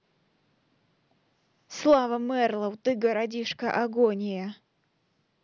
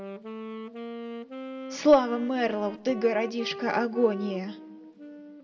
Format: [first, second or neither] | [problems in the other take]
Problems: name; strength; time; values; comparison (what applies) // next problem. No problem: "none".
first | background sound (Wind instrument, woodwind instrument); 11 dB below the speech // room echo; dies away in 0.3 s